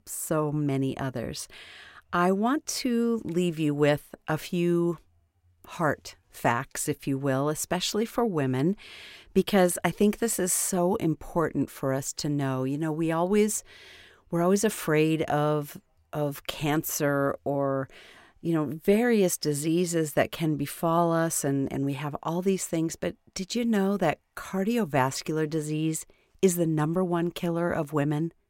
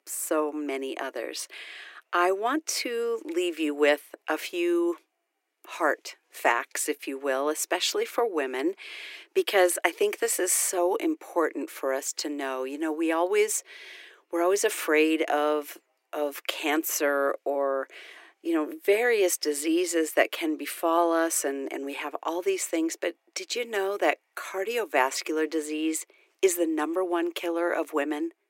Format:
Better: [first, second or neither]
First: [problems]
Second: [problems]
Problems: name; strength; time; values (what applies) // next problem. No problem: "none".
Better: first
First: none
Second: thin; somewhat; fading below 300 Hz